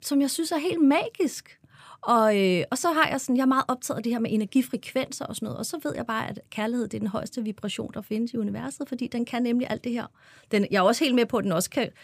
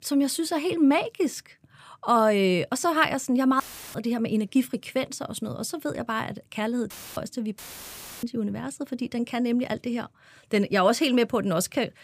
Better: first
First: none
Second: audio cutting out; filled with static; at 3.5 s, at 7 s and at 7.5 s for 0.5 s

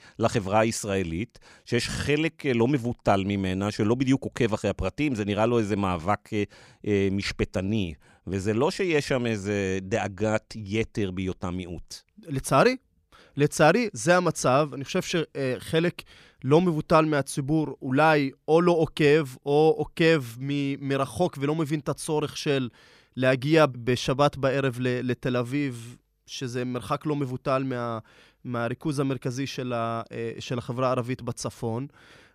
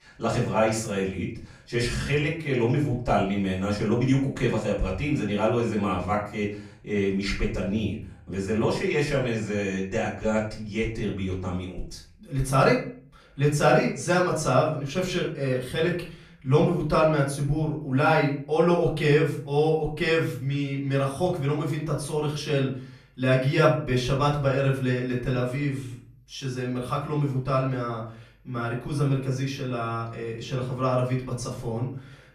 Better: first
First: none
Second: room echo; slight; dies away in 0.4 s // off-mic speech; far

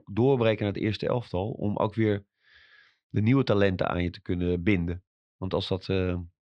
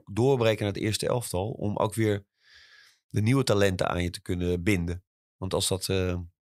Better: second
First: muffled; slightly; fading above 4 kHz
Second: none

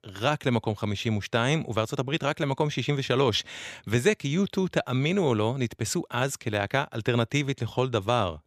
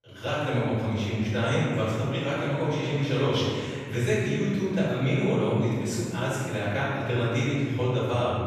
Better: first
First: none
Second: room echo; strong; dies away in 1.9 s // off-mic speech; far

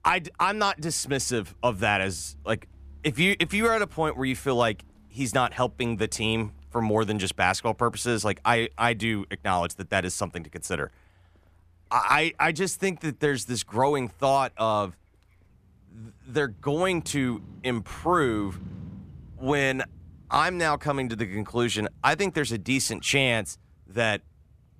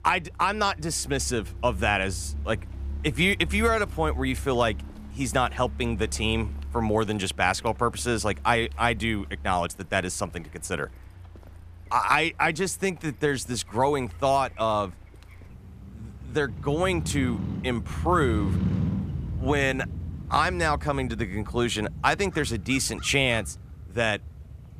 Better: first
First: traffic noise; faint; throughout; 25 dB below the speech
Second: traffic noise; loud; throughout; 9 dB below the speech

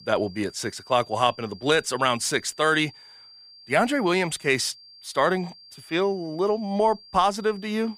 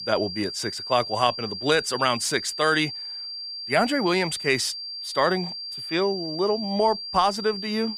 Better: first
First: high-pitched whine; faint; throughout; 4.5 kHz, 20 dB below the speech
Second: high-pitched whine; loud; throughout; 4.5 kHz, 7 dB below the speech

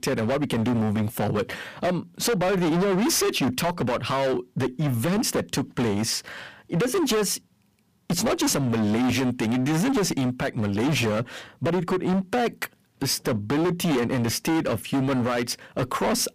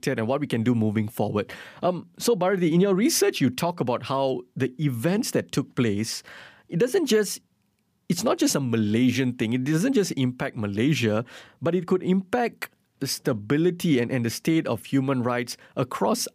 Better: second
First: distortion; heavy; 25% of the sound clipped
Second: none

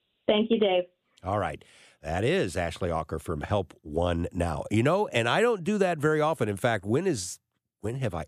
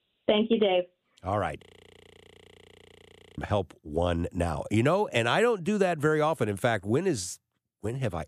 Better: first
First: none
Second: audio freezing; at 1.5 s for 1.5 s

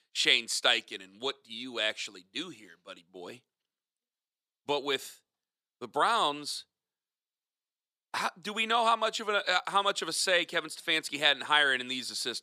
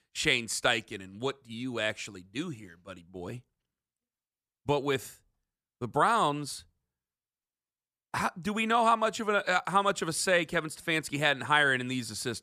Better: second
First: thin; very slightly; fading below 300 Hz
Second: none

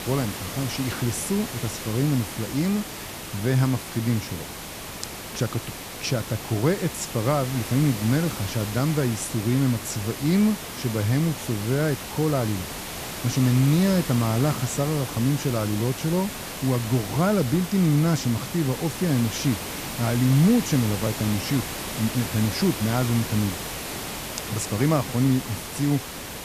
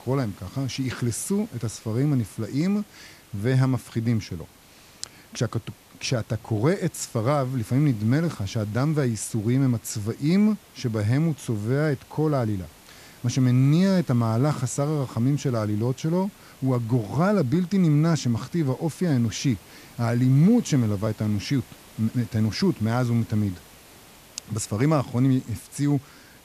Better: second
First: hiss; loud; throughout; 8 dB below the speech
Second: hiss; faint; throughout; 25 dB below the speech

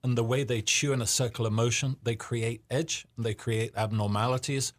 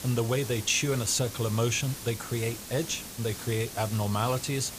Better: first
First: none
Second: hiss; noticeable; throughout; 10 dB below the speech

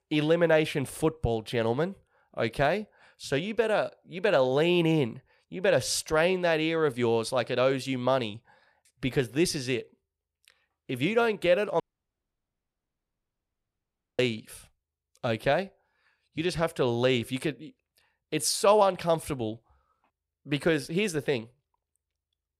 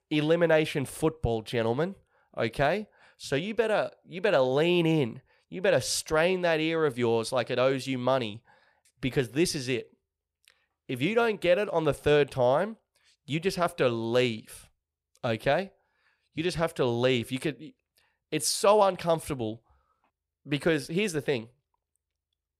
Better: second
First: audio cutting out; at 12 s for 2.5 s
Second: none

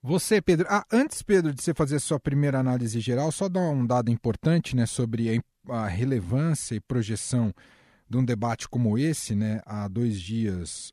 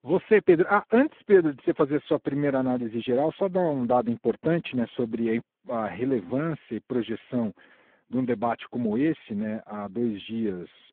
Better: first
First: none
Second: phone-call audio; poor line

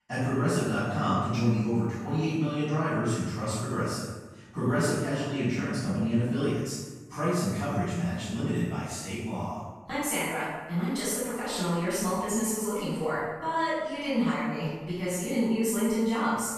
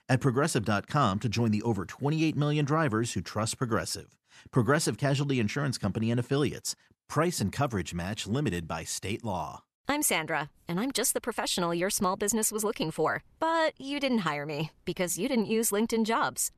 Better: second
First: off-mic speech; far // room echo; strong; dies away in 1.1 s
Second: none

